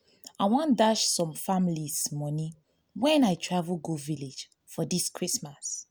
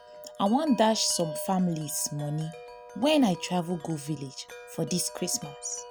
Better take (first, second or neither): first